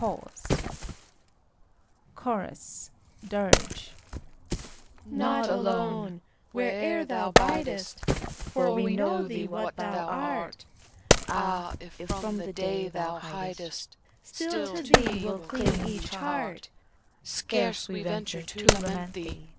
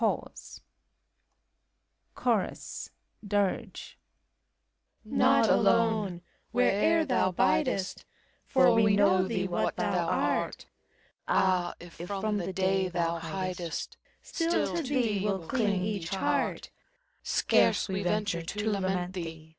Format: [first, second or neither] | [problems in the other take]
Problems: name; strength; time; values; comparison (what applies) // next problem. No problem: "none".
second | background sound (Wood); as loud as the speech